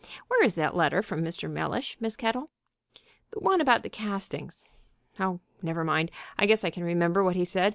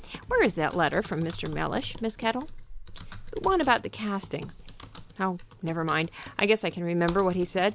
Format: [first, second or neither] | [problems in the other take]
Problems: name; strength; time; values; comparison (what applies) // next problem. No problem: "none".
first | background sound (Typing); 14 dB below the speech